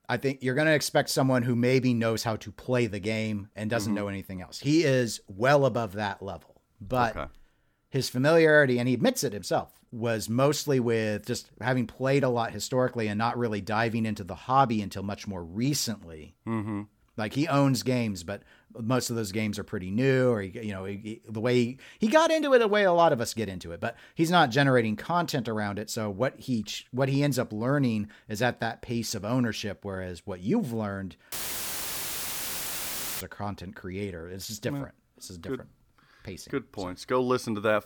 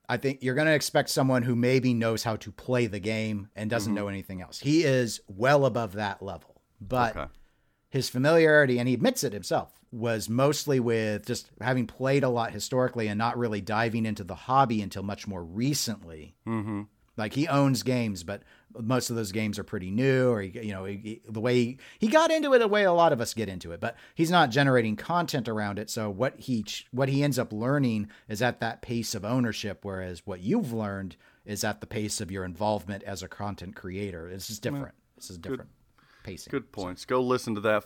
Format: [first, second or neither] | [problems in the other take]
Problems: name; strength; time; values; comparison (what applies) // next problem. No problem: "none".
second | audio cutting out; filled with static; at 31 s for 2 s